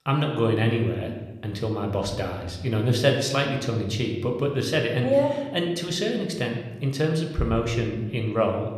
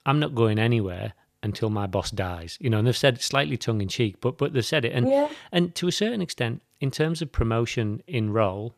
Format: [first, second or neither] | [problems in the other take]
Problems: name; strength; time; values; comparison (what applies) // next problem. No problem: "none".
second | room echo; slight; dies away in 0.9 s